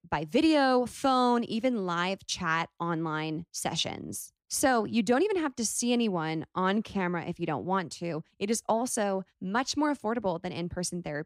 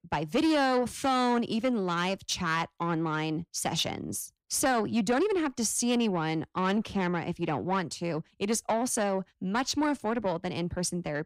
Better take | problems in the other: first | distortion; slight; 10 dB below the speech

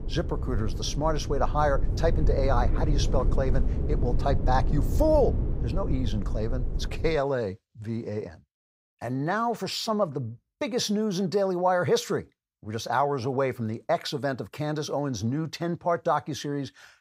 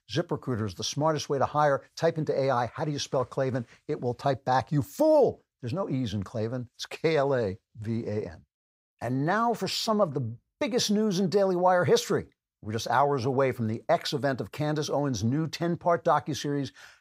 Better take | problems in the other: second | low rumble; noticeable; until 7 s; 15 dB below the speech

